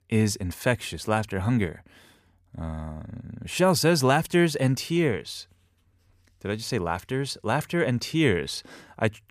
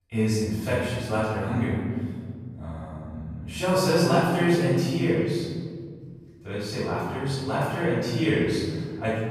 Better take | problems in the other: first | off-mic speech; far // room echo; strong; dies away in 1.8 s

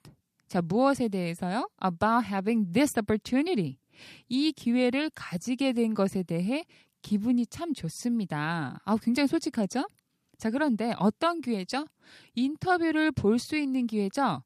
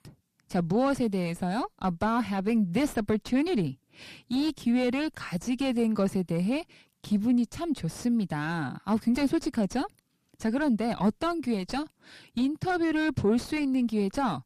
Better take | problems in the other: first | distortion; slight; 9 dB below the speech

